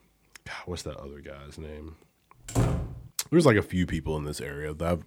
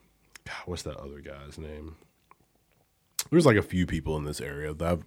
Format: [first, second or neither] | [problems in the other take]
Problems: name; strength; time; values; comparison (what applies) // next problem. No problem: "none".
second | door banging; loud; at 2.5 s; peak level with the speech